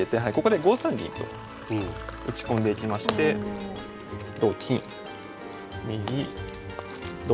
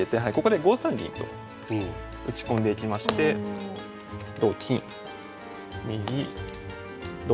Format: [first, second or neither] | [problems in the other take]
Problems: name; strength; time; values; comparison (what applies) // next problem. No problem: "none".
second | background sound (Sink (filling or washing)); 18 dB below the speech